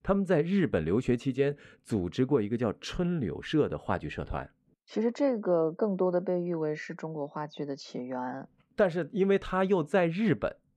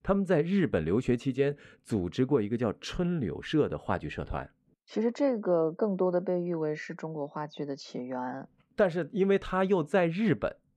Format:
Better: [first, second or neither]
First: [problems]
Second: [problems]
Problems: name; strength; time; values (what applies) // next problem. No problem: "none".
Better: neither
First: none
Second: none